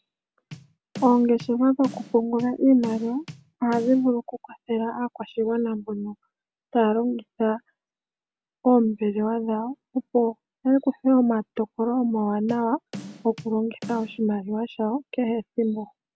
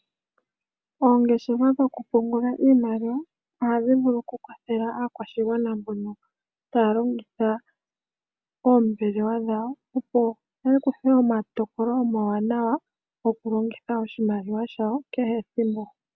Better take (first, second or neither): second